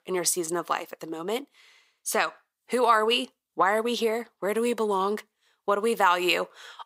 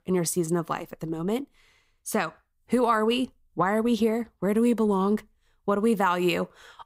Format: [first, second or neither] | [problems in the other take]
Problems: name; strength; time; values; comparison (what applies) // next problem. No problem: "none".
second | thin; somewhat; fading below 450 Hz